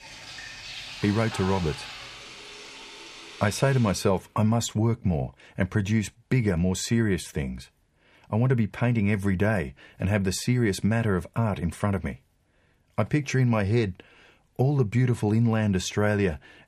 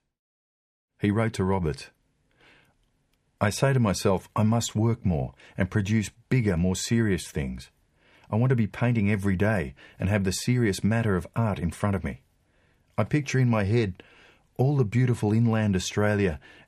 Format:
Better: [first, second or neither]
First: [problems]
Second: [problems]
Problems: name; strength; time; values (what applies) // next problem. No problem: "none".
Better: second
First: household noises; noticeable; until 4 s; 15 dB below the speech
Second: none